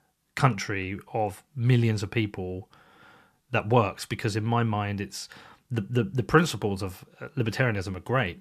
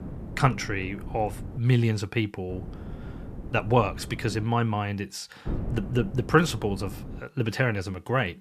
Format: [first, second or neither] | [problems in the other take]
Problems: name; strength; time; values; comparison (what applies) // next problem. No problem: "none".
first | wind noise on the microphone; occasional gusts; until 1.5 s, from 2.5 to 4.5 s and from 5.5 to 7 s; 20 dB below the speech